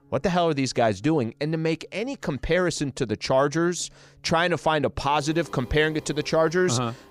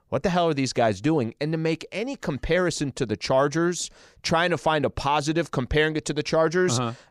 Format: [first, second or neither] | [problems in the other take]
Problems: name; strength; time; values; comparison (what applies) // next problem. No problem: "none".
second | background music; faint; throughout; 25 dB below the speech